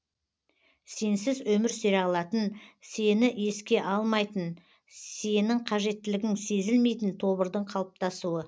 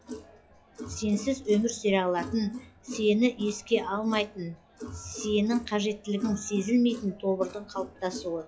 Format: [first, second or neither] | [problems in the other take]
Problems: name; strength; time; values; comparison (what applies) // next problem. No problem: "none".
first | noise reduction (classical method log-MMSE)